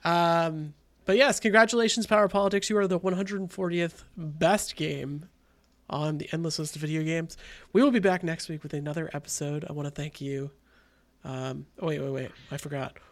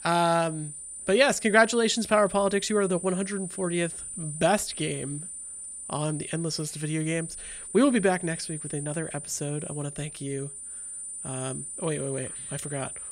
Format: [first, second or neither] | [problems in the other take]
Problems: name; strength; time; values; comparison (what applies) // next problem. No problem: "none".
first | high-pitched whine; loud; throughout; 9 kHz, 9 dB below the speech